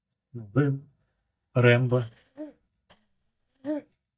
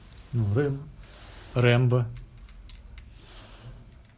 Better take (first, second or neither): second